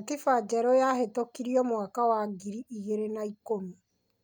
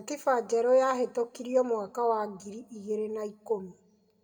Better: first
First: none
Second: room echo; dies away in 0.8 s

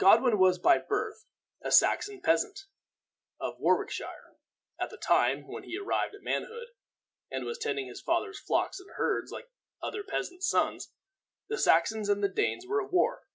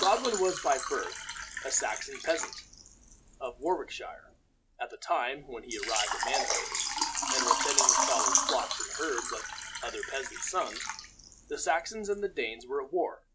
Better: first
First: none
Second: background sound (Water / Liquid); as loud as the speech

